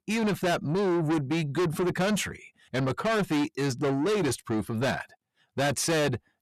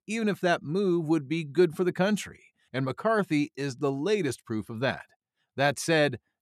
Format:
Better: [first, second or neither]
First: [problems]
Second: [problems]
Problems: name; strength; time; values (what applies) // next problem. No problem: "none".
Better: second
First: distortion; heavy; 6 dB below the speech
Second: none